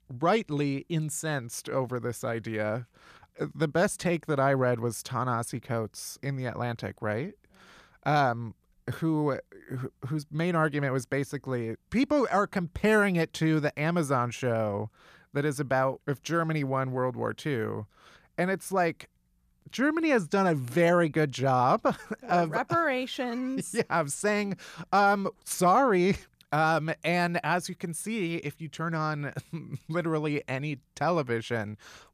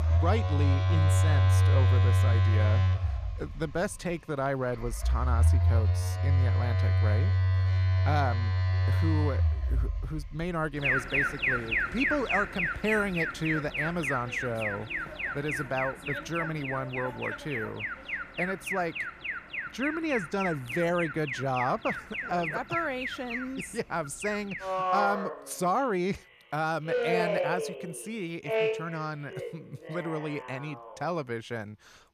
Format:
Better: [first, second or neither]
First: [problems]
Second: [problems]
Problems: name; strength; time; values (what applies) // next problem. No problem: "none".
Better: first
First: none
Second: alarms or sirens; very loud; throughout; 4 dB above the speech